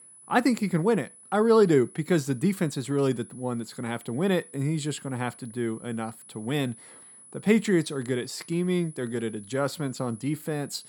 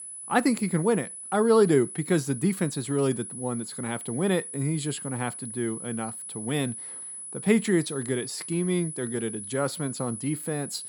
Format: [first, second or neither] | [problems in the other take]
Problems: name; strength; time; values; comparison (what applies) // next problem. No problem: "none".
first | high-pitched whine; loud; throughout; 10 kHz, 9 dB below the speech; faint in the first